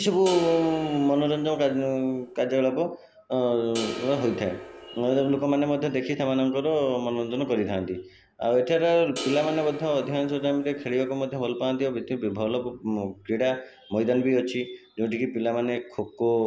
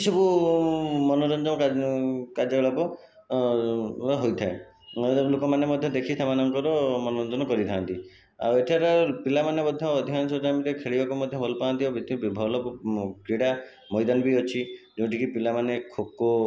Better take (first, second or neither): second